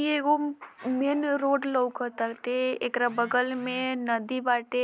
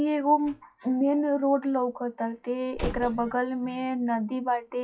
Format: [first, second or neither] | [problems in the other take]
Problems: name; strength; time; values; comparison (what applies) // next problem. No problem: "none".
first | noise reduction (classical method WPE with log-MMSE)